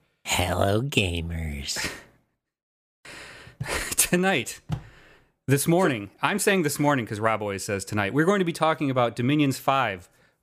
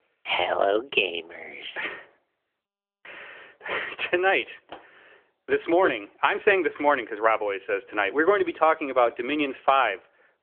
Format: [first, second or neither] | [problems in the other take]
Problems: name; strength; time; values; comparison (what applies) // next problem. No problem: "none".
first | phone-call audio; nothing above 3 kHz